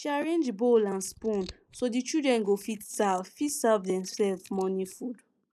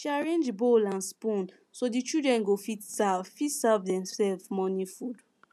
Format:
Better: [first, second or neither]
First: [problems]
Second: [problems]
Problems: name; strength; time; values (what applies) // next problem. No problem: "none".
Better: second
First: noise reduction (neural mask model Resemble Enhance denoiser)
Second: none